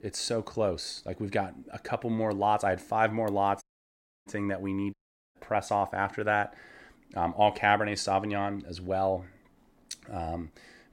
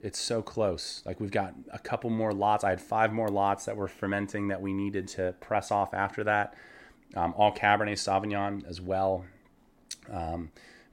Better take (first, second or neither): second